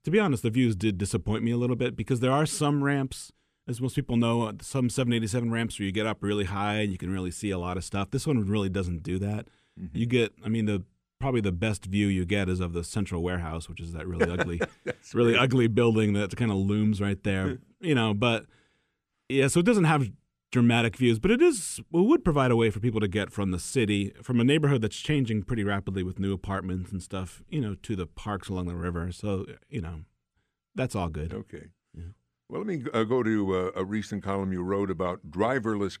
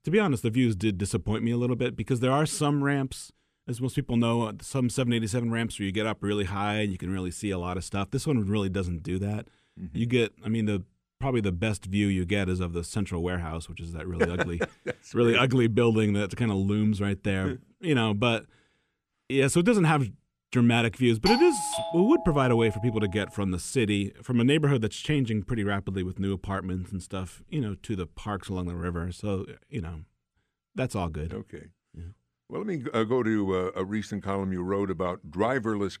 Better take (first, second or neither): first